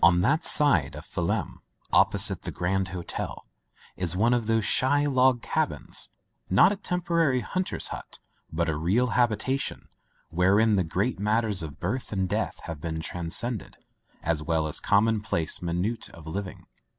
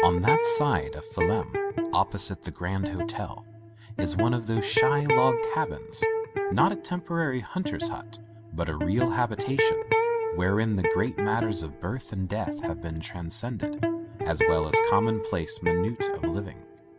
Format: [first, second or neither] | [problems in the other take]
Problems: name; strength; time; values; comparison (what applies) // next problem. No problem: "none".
first | background sound (Electric guitar); as loud as the speech